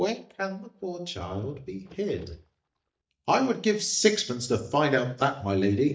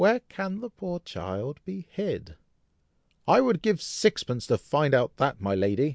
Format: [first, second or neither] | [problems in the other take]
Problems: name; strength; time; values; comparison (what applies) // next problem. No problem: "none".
second | noise reduction (neural mask model DeepFilterNet 3)